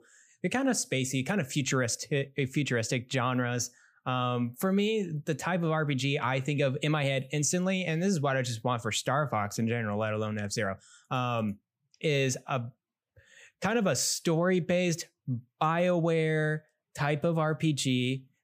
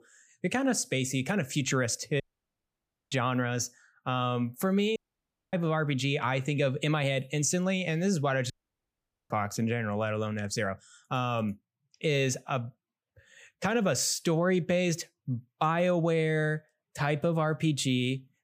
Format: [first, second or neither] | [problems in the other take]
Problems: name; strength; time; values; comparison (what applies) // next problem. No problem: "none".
first | audio cutting out; at 2 s for 1 s, at 5 s for 0.5 s and at 8.5 s for 1 s